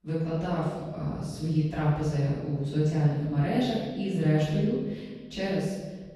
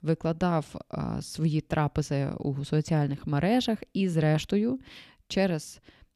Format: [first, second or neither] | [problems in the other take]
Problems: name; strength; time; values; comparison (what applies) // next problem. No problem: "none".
second | room echo; strong; dies away in 1.2 s // off-mic speech; far